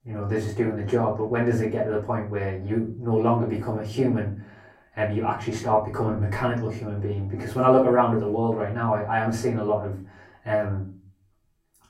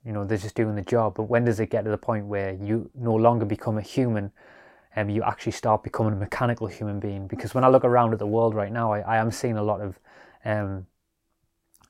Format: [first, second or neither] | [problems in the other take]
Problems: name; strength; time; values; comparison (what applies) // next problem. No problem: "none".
second | off-mic speech; far // room echo; slight; dies away in 0.3 s